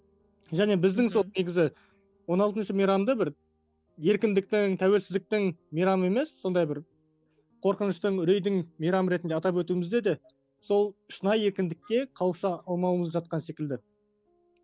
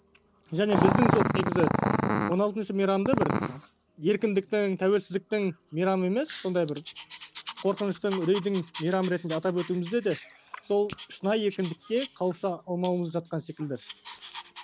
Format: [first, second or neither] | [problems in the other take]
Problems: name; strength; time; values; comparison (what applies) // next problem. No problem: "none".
first | background sound (Growling); 5 dB below the speech